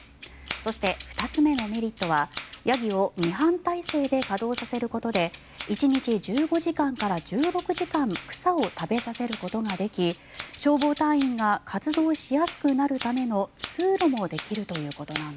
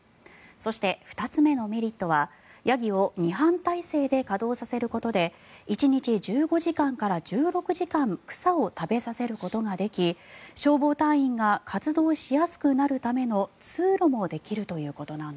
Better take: second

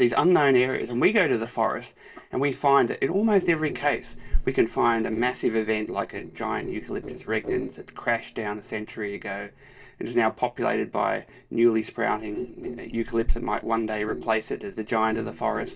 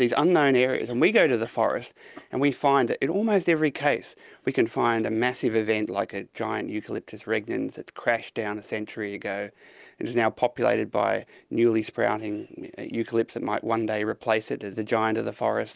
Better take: second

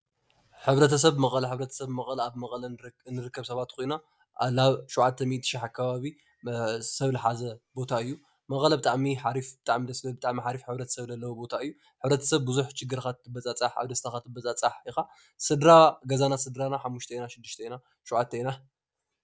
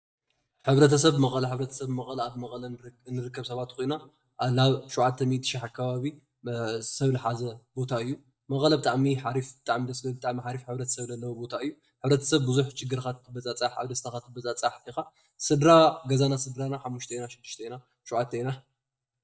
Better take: first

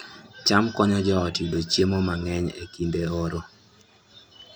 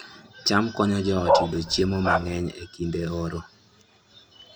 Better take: first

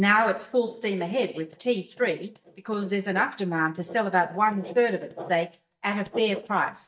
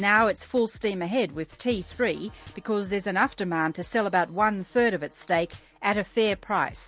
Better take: second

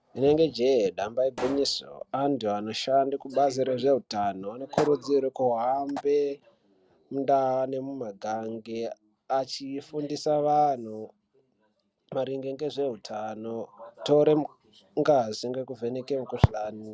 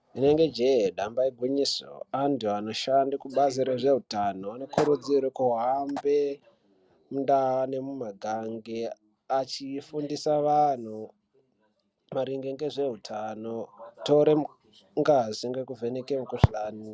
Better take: second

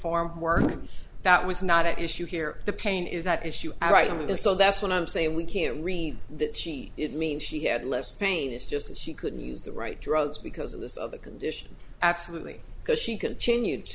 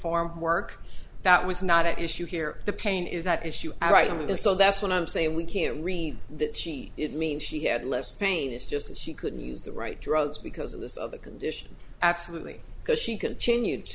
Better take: second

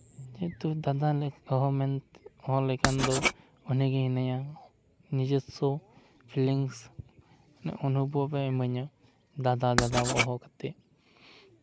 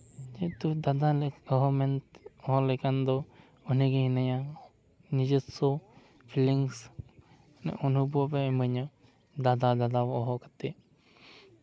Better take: second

